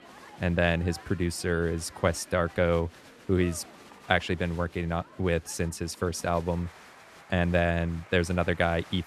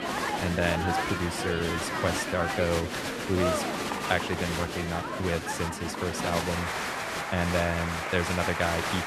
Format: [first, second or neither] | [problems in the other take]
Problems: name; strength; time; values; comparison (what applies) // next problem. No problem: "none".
first | crowd noise; loud; throughout; as loud as the speech; faint in the first